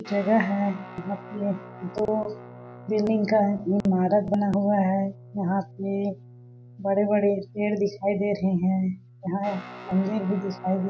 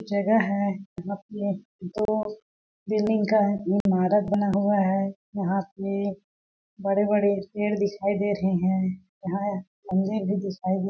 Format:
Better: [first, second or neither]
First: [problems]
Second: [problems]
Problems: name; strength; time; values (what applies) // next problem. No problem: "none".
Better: second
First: background sound (Guitar); 18 dB below the speech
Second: none